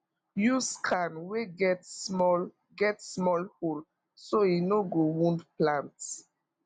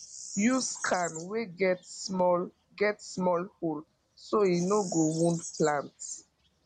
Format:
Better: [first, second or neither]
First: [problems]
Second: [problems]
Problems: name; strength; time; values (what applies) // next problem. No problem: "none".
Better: first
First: none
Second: background sound (Bird vocalization, bird call, bird song); 16 dB below the speech